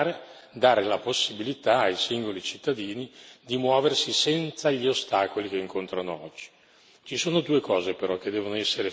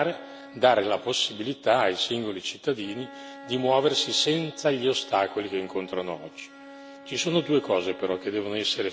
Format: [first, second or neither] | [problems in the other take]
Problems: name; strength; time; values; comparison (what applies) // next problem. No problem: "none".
first | background sound (Bowed string instrument); 19 dB below the speech